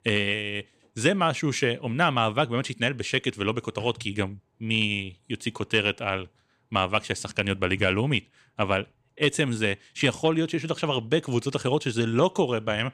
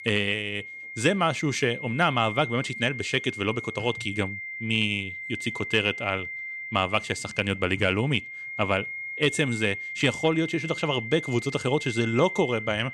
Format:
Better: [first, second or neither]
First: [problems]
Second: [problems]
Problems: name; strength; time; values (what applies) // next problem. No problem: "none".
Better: first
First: none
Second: high-pitched whine; loud; throughout; 2 kHz, 8 dB below the speech